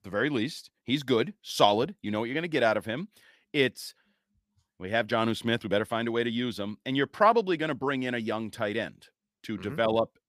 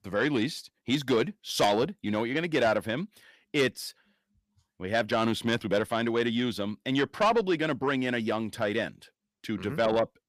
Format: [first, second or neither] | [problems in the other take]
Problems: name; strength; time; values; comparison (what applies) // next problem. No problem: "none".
first | distortion; slight; 10 dB below the speech